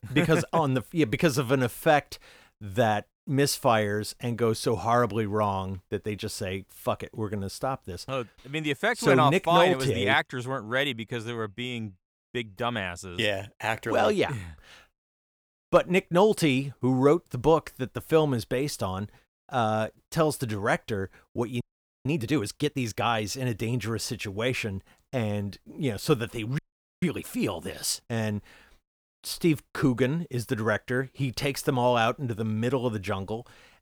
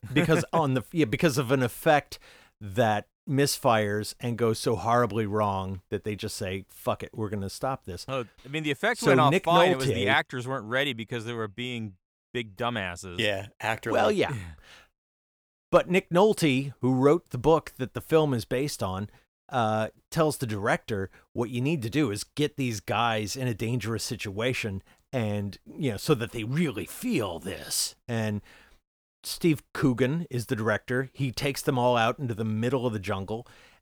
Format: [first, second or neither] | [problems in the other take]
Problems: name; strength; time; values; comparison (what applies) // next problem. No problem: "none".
second | audio freezing; at 22 s and at 27 s